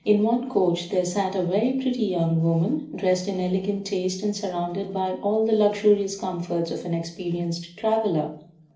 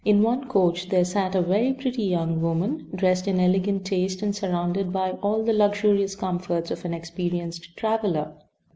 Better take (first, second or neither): second